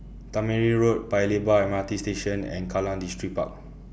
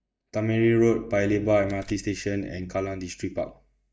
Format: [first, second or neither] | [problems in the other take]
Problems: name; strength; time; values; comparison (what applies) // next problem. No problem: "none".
first | noise reduction (neural mask model DeepFilterNet 3)